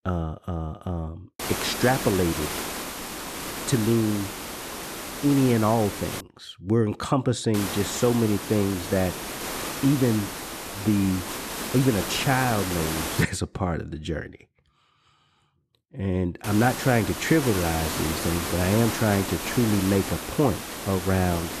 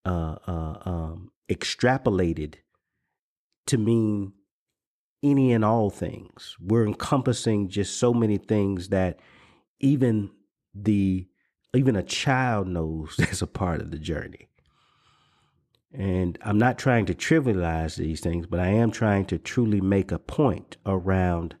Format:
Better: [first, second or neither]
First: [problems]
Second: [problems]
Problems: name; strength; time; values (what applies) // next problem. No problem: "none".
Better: second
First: hiss; loud; from 1.5 to 6 s, from 7.5 to 13 s and from 16 s on; 6 dB below the speech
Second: none